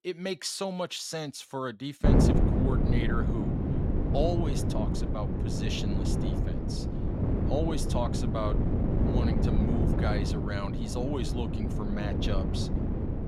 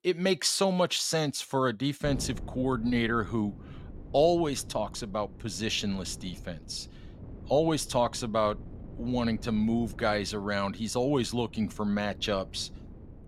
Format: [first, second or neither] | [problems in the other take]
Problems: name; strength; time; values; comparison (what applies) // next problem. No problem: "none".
second | wind noise on the microphone; heavy; from 2 s on; as loud as the speech; occasional gusts in the second